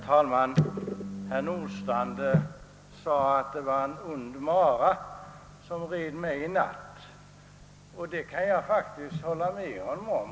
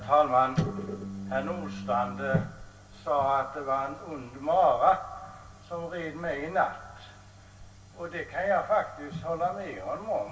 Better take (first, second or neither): first